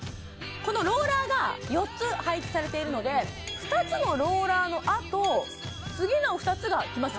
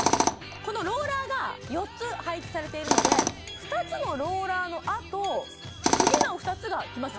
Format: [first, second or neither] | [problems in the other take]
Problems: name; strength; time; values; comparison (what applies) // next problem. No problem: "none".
first | background sound (Tools); 1 dB above the speech